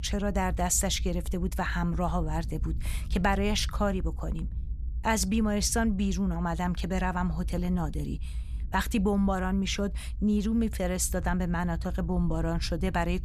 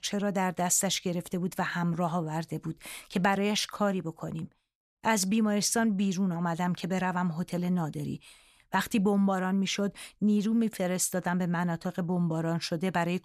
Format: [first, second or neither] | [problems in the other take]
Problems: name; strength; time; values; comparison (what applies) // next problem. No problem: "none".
second | low rumble; faint; throughout; 25 dB below the speech